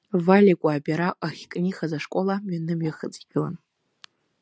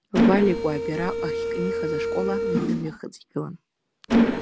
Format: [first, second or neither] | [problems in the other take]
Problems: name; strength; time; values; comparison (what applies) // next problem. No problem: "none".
first | background sound (Mechanisms); 3 dB above the speech